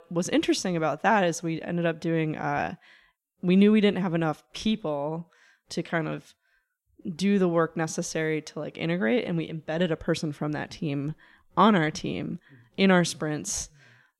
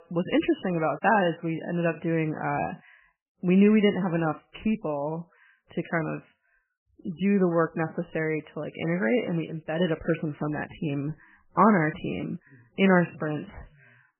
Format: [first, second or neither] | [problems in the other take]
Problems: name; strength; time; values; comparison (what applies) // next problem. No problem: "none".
first | garbled, watery; badly; nothing above 3 kHz